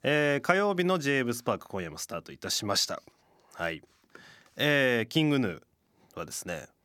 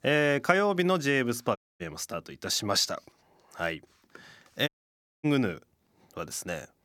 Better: first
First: none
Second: audio cutting out; at 1.5 s and at 4.5 s for 0.5 s

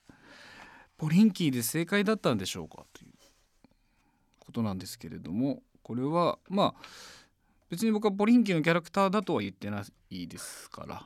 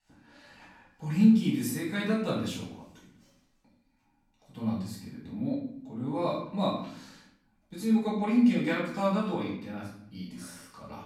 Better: first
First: none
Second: room echo; noticeable; dies away in 0.6 s // off-mic speech; far

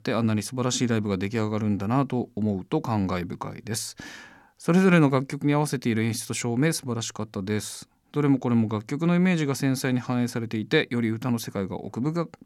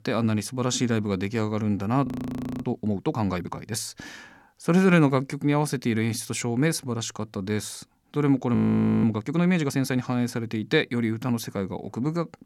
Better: first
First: none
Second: audio freezing; at 2 s for 0.5 s and at 8.5 s

